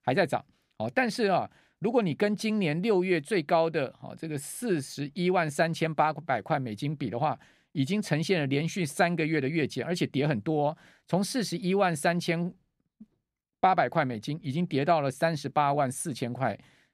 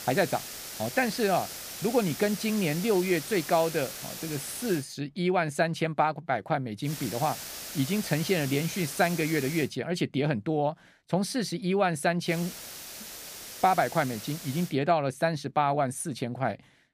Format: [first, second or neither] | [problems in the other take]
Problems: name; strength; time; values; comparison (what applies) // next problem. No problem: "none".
first | hiss; loud; until 5 s, from 7 to 9.5 s and from 12 to 15 s; 9 dB below the speech